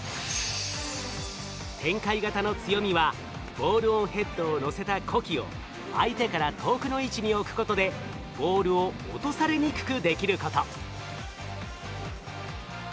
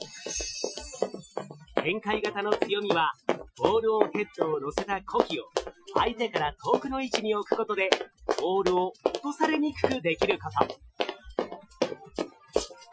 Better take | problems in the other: first | noise reduction (classical method Wiener filter)

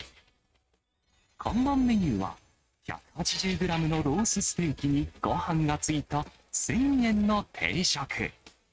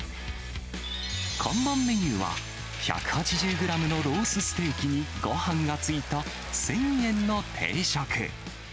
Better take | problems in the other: second | noise reduction (neural mask model RNNoise)

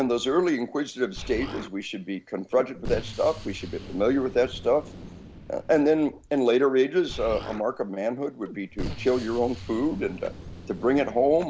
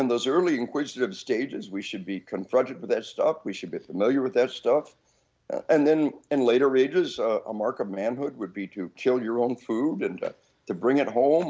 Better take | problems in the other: second | background sound (Explosion); 14 dB below the speech

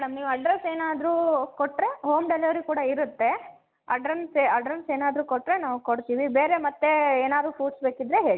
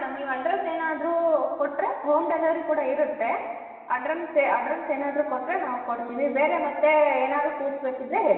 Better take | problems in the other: first | room echo; dies away in 1.6 s

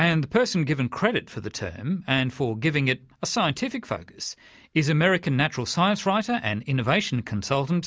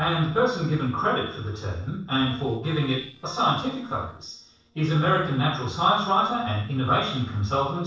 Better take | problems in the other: first | noise reduction (neural separator model SepFormer DNS4)

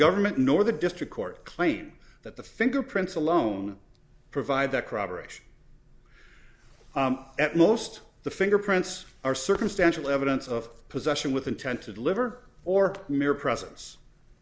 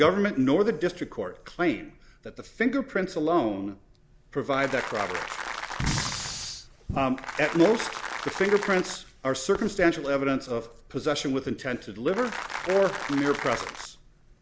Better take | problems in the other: first | background sound (Fire + Applause); 6 dB below the speech

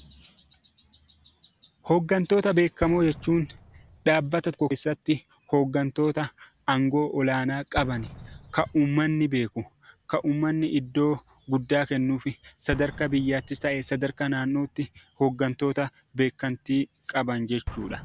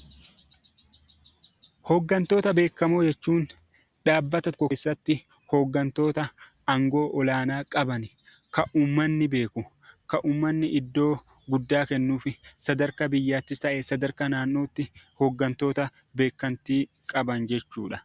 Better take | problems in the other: second | background sound (Explosion); 19 dB below the speech

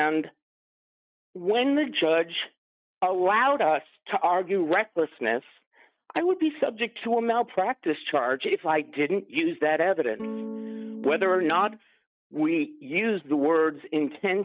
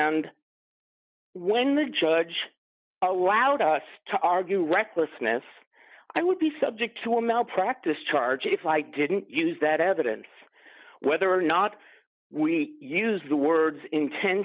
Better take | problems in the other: second | noise reduction (neural mask model RNNoise)

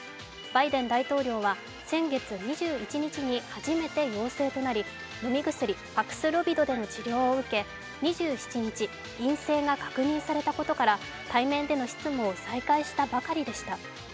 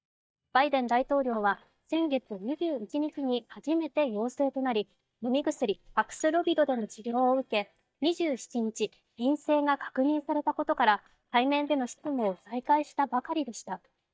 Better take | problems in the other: first | noise reduction (neural mask model DeepFilterNet 3)

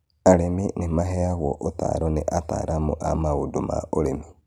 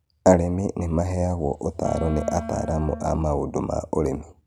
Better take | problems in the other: first | background sound (Wind instrument, woodwind instrument); 12 dB below the speech

